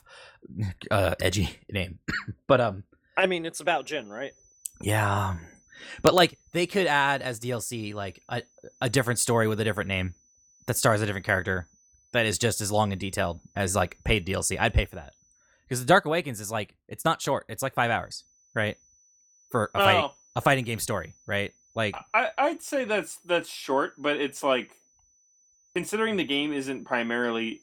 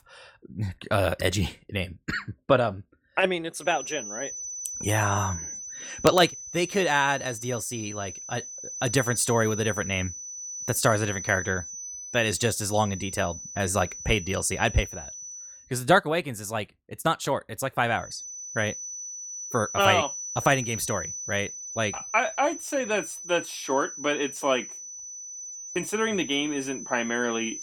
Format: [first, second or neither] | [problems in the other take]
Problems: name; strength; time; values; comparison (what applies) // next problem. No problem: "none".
first | high-pitched whine; loud; from 3.5 to 16 s and from 18 s on; 6 kHz, 9 dB below the speech; faint in the first